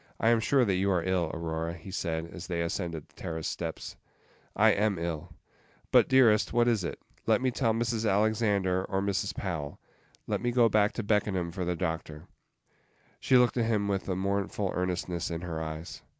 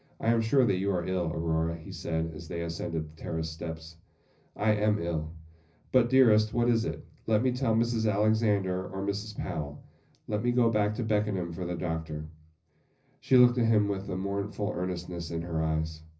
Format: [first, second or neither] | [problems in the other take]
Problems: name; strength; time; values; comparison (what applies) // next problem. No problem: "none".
first | room echo; dies away in 0.4 s